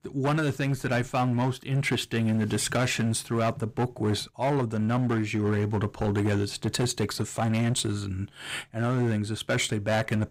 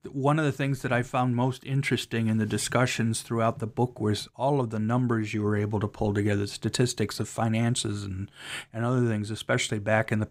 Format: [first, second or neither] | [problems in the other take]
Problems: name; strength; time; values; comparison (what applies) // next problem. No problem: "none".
second | distortion; slight; 13% of the sound clipped